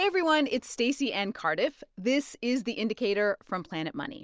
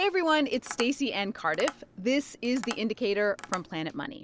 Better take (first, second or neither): first